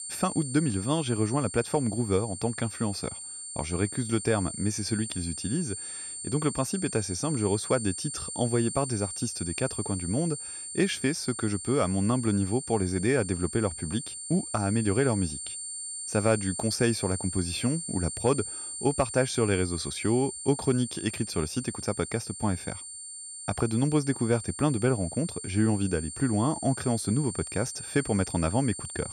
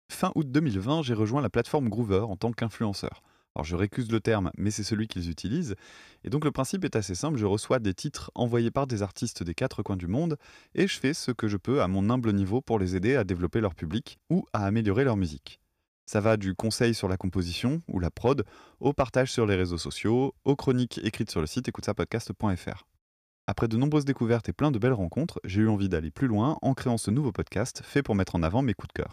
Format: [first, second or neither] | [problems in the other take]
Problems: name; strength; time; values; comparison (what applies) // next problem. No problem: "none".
second | high-pitched whine; loud; throughout; 9 kHz, 7 dB below the speech